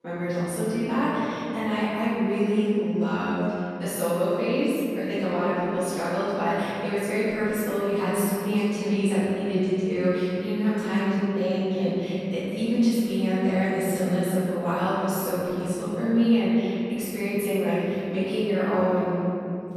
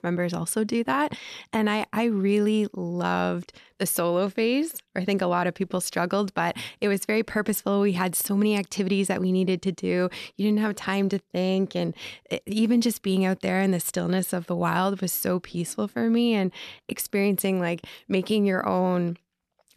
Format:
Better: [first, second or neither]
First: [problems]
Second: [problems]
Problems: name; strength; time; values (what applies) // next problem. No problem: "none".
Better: second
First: off-mic speech; far // room echo; strong; dies away in 2.9 s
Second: none